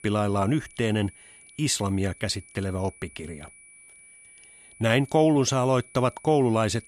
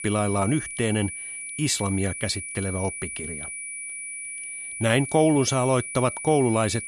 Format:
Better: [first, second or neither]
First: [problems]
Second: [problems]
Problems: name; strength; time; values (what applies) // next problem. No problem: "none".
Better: first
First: high-pitched whine; faint; throughout; 2.5 kHz, 25 dB below the speech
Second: high-pitched whine; loud; throughout; 2.5 kHz, 8 dB below the speech